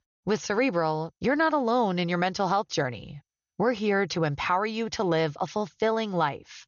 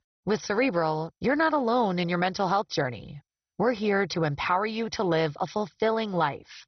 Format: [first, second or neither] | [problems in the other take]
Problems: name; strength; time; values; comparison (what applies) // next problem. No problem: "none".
first | garbled, watery; badly; nothing above 6 kHz; slightly in the first